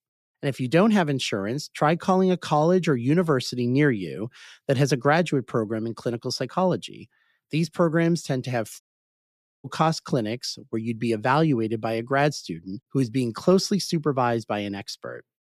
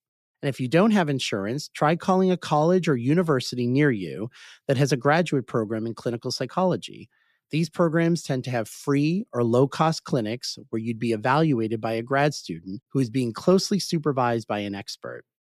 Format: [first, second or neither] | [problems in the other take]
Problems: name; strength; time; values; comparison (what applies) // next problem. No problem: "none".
second | audio cutting out; at 9 s for 1 s